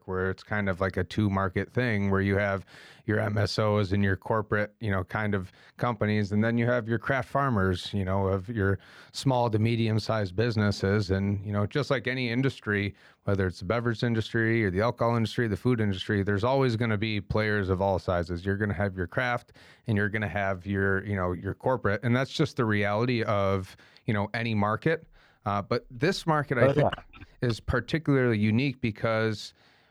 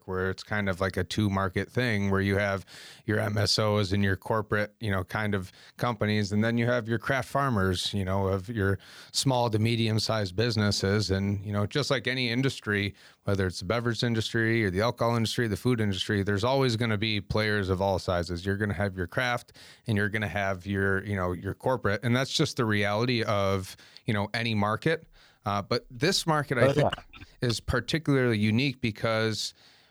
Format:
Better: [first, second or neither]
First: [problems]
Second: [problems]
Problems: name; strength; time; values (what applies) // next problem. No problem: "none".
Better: second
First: muffled; slightly; fading above 3.5 kHz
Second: none